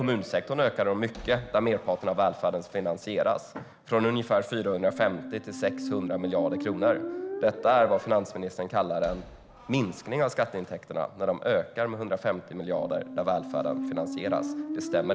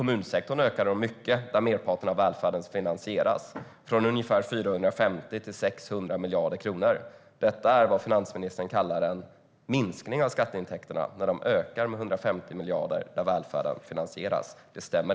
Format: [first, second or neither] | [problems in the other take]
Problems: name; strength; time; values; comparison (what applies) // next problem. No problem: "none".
second | background sound (Squeak); 11 dB below the speech